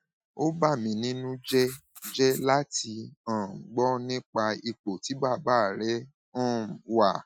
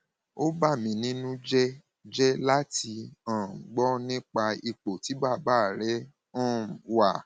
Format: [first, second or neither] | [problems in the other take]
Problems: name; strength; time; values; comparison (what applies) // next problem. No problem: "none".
second | noise reduction (classical method Wiener filter)